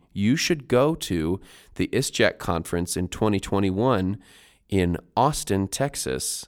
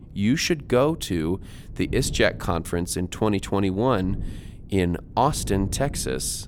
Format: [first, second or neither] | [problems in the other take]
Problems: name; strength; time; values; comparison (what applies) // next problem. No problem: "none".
first | wind noise on the microphone; occasional gusts; 25 dB below the speech